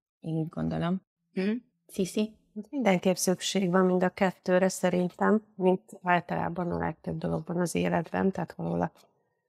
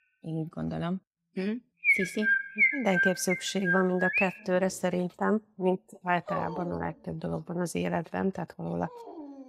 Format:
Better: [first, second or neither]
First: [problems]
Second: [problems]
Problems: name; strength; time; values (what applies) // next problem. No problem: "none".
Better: first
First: none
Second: animal sounds; very loud; throughout; 3 dB above the speech